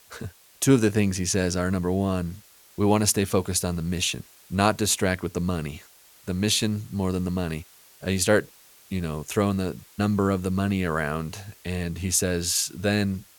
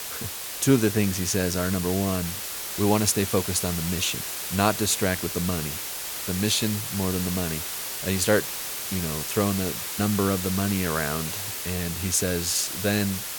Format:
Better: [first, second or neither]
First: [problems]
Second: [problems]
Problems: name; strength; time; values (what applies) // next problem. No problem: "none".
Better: first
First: hiss; faint; throughout; 25 dB below the speech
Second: hiss; loud; throughout; 4 dB below the speech